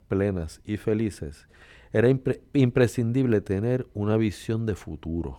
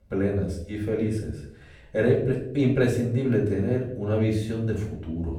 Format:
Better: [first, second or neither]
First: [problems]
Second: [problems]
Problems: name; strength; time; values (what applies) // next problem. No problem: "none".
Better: first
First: none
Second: off-mic speech; far // room echo; noticeable; dies away in 0.6 s